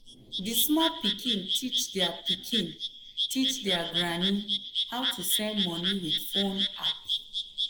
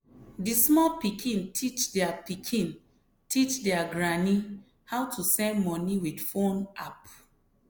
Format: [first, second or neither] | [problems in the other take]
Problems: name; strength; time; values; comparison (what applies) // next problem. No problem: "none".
second | noise reduction (neural mask model Resemble Enhance denoiser)